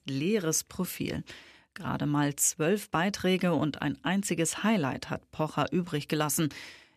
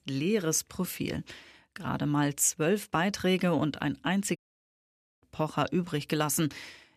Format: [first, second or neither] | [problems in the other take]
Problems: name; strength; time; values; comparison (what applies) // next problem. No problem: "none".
first | audio cutting out; at 4.5 s for 1 s